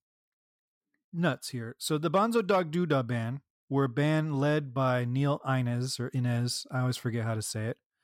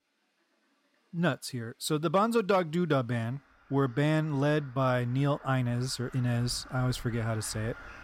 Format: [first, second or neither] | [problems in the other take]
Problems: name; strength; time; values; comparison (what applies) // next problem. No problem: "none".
first | animal sounds; faint; throughout; 20 dB below the speech